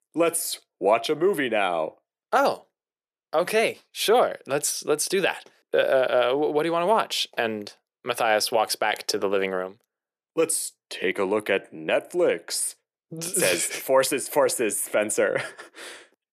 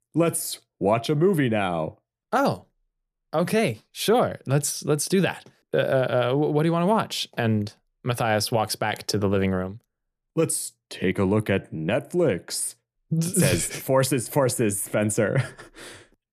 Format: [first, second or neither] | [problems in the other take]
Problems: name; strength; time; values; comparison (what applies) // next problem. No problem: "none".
second | thin; somewhat; fading below 450 Hz